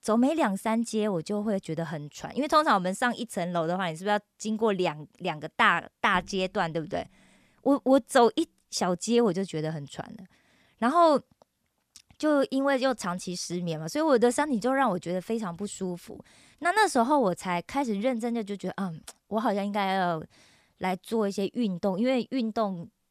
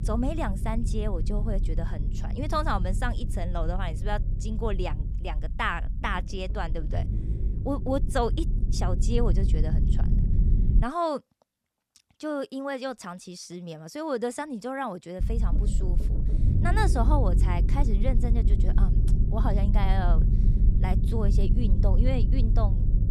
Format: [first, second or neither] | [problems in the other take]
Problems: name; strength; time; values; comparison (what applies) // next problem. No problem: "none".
first | low rumble; loud; until 11 s and from 15 s on; 10 dB below the speech